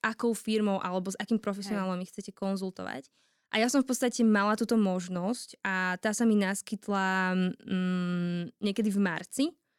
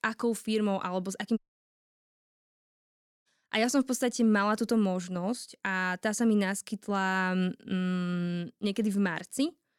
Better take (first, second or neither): first